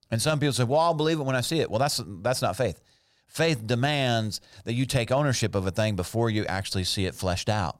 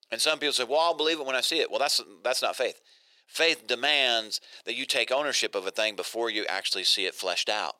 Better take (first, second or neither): first